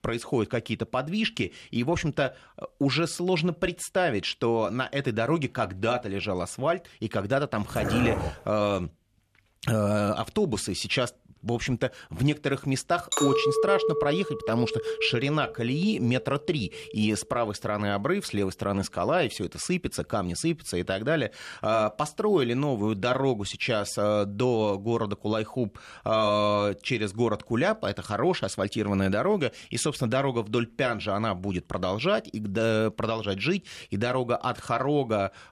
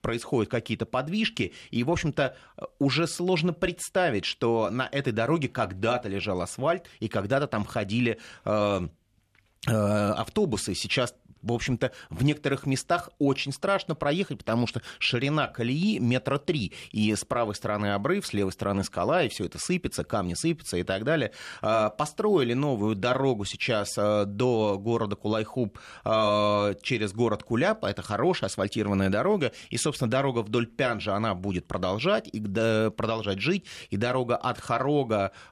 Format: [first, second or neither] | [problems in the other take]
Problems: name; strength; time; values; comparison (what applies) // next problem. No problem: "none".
second | dog barking; noticeable; at 7.5 s; peak 1 dB below the speech // clattering dishes; loud; from 13 to 16 s; peak 3 dB above the speech